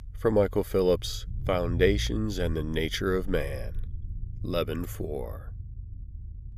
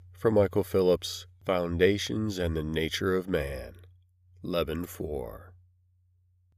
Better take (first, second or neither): second